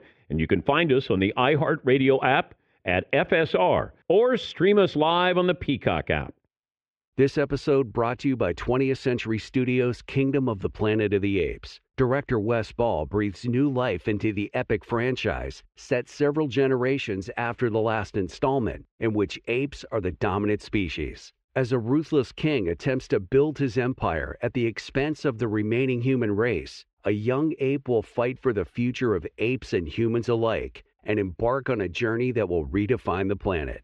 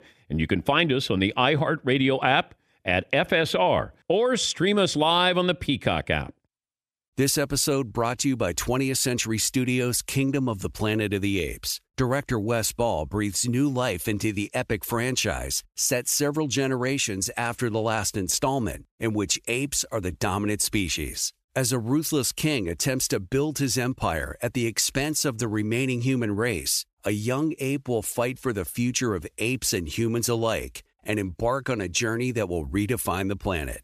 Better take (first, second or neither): second